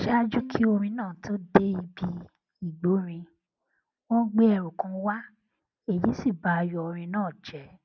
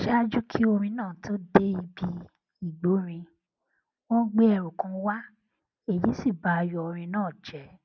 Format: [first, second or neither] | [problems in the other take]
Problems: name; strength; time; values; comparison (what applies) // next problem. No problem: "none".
second | background sound (Bowed string instrument); 17 dB below the speech